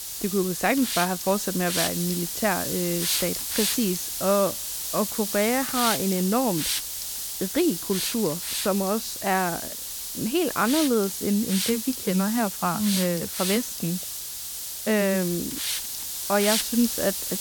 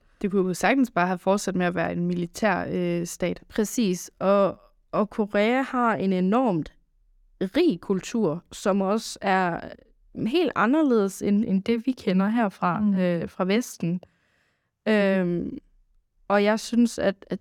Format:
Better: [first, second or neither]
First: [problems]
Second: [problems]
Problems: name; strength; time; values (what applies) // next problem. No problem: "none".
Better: second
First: hiss; loud; throughout; 2 dB below the speech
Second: none